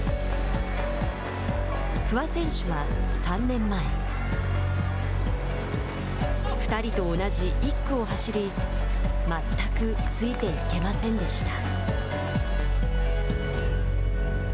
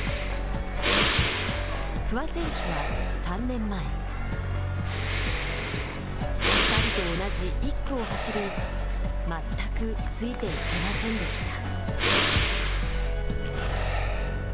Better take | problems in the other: first | background sound (Breathing); 2 dB below the speech

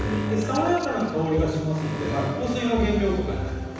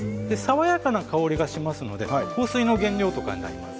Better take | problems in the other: second | background sound (Alarm); 12 dB below the speech // room echo; dies away in 1.1 s

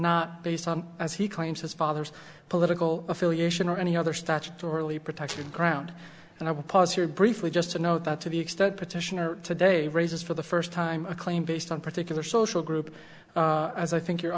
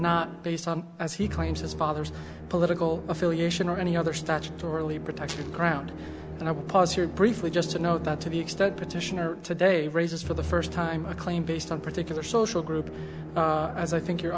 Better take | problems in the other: first | background sound (Musical instrument); 10 dB below the speech

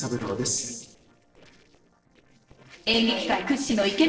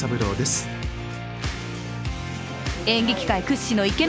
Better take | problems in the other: second | noise reduction (neural separator model SepFormer DNS4)

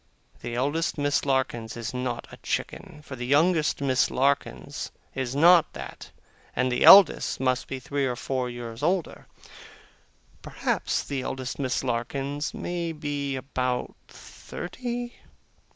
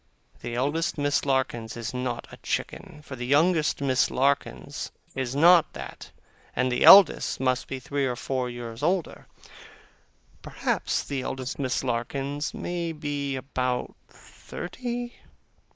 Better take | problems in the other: first | noise reduction (neural mask model Resemble Enhance denoiser)

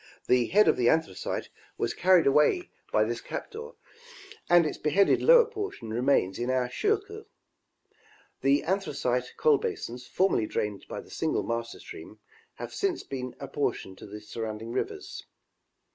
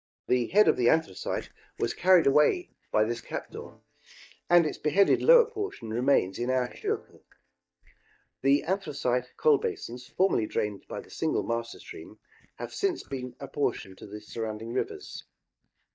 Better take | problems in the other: first | noise reduction (neural mask model DeepFilterNet 3)

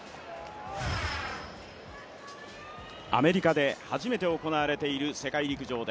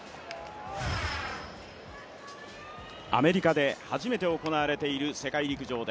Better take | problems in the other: first | background sound (Finger snapping); 20 dB below the speech

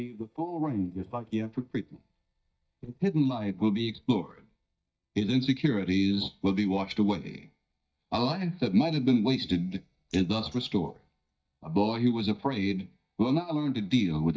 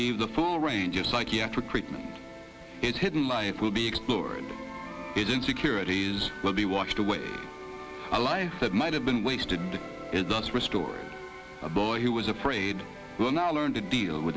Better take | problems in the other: second | noise reduction (neural mask model DeepFilterNet 3)

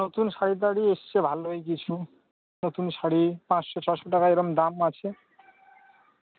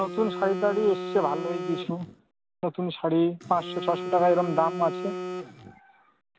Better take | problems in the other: first | background sound (Telephone); 8 dB below the speech

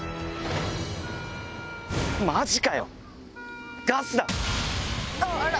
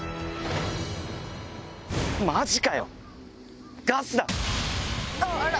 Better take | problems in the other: second | background sound (Wind instrument, woodwind instrument); 14 dB below the speech

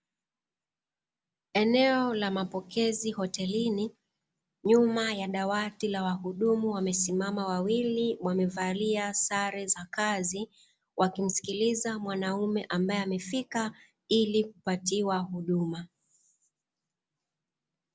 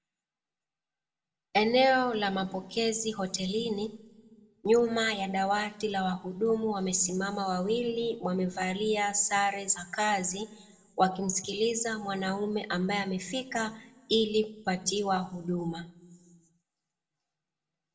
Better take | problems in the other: first | room echo; dies away in 0.5 s

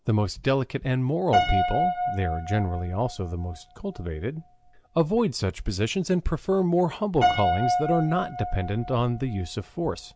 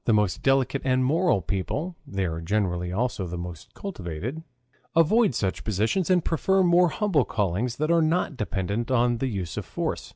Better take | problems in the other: second | background sound (Piano); 5 dB below the speech

